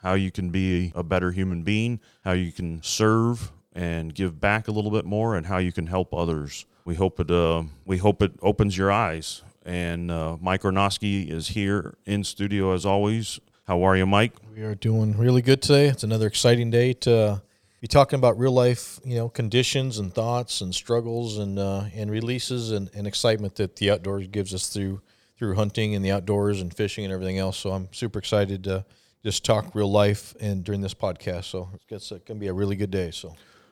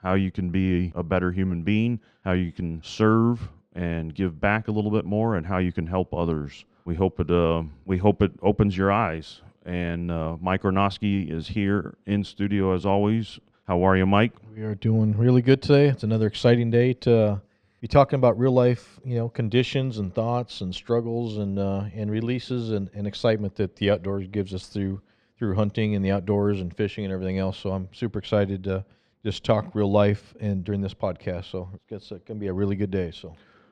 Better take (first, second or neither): first